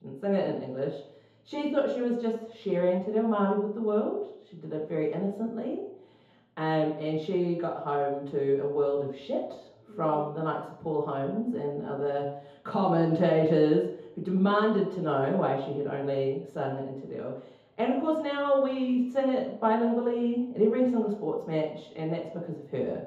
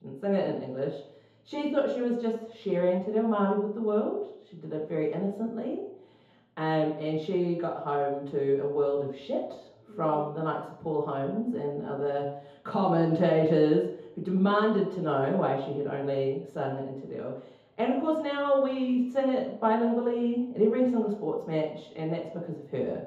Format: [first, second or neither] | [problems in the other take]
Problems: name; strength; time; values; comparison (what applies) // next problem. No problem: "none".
neither | room echo; noticeable; dies away in 0.8 s; the same in both // off-mic speech; far; the same in both